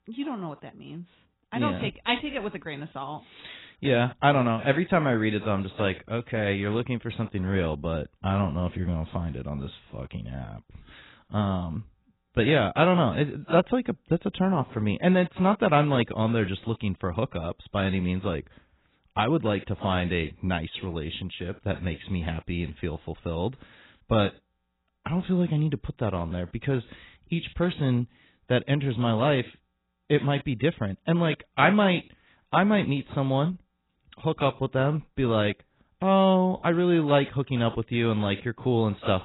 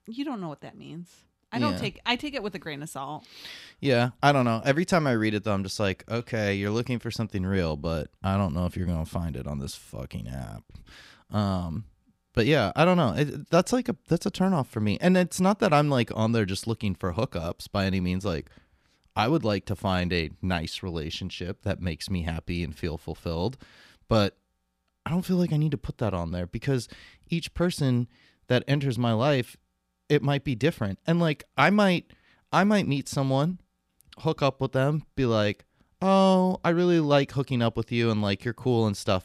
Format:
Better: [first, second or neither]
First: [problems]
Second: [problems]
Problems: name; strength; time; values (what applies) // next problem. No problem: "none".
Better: second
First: garbled, watery; badly; nothing above 4 kHz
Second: none